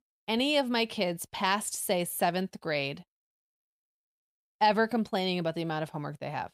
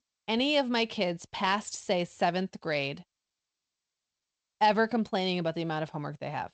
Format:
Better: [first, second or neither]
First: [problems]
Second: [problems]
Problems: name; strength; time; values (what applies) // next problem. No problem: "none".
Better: first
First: none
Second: garbled, watery; slightly; nothing above 8 kHz